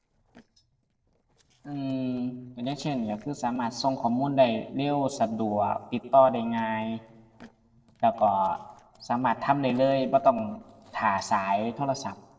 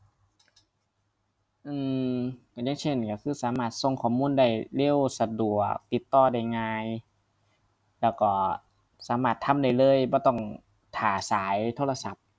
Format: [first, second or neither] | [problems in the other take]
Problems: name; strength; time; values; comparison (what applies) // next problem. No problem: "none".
second | noise reduction (neural separator model SepFormer DNS4)